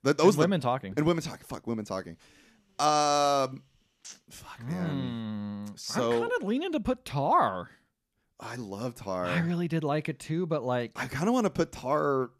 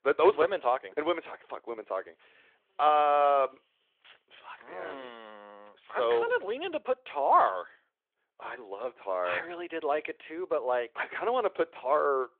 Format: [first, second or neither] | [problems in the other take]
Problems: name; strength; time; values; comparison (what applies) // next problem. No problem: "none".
first | phone-call audio